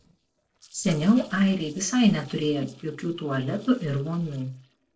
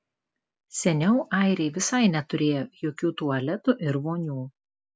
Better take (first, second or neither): second